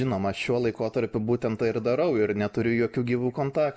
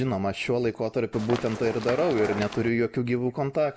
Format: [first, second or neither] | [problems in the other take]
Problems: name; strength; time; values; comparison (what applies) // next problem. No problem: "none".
first | background sound (Run); 9 dB below the speech